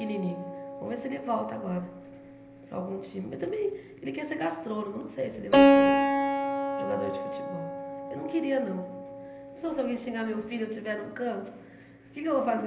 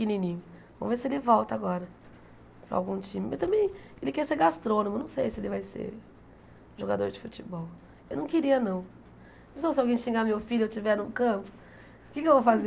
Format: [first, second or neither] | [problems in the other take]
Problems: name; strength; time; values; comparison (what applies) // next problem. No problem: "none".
second | background sound (Keyboard (musical)); 3 dB above the speech // room echo; dies away in 0.8 s